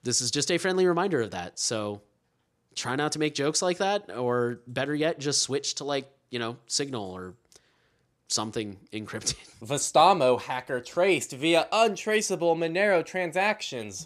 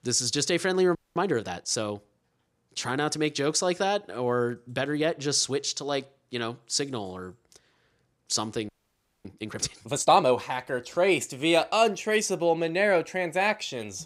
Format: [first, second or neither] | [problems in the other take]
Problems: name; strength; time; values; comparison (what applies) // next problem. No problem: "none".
first | audio freezing; at 1 s and at 8.5 s for 0.5 s